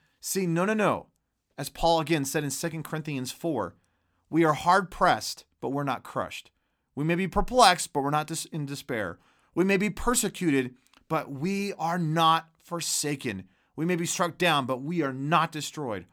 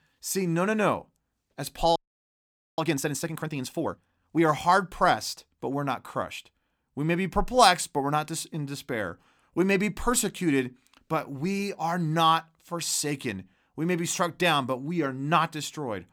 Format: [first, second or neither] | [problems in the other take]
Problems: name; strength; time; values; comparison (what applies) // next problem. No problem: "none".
first | audio freezing; at 2 s for 1 s